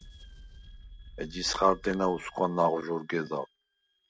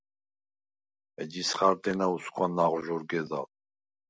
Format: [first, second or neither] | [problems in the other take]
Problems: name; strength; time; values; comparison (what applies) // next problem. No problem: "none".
second | noise reduction (neural separator model SepFormer DNS4)